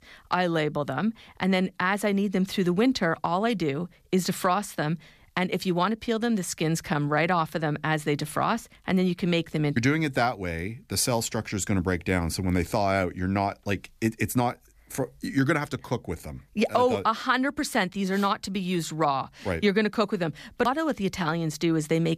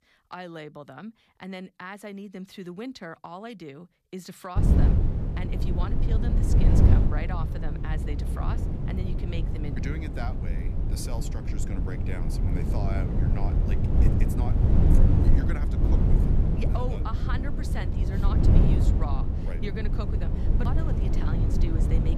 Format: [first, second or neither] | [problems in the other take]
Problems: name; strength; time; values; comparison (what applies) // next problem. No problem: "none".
first | wind noise on the microphone; heavy; from 4.5 s on; 2 dB above the speech